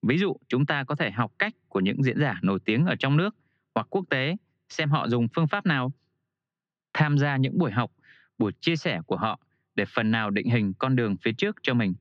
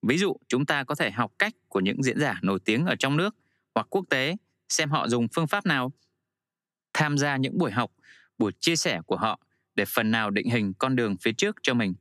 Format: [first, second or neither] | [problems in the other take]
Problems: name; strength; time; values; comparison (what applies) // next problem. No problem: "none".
second | muffled; slightly; fading above 4 kHz